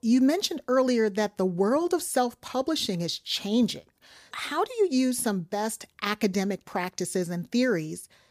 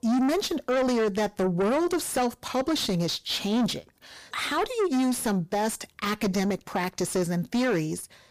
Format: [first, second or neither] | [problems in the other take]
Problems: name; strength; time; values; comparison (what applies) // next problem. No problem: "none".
first | distortion; heavy; 7 dB below the speech